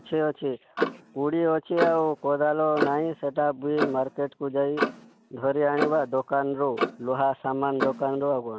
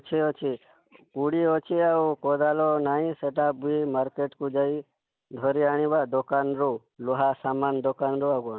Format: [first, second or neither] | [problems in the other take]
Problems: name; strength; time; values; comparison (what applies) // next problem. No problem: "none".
second | background sound (Clock); 7 dB below the speech